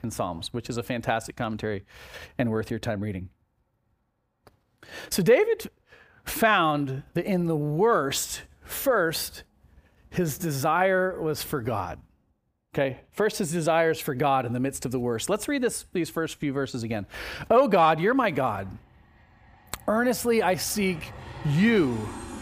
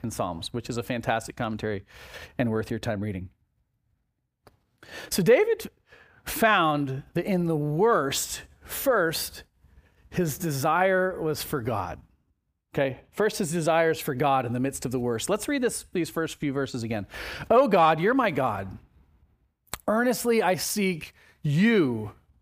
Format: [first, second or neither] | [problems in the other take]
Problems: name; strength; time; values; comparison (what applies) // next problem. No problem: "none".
second | train or aircraft noise; noticeable; throughout; 20 dB below the speech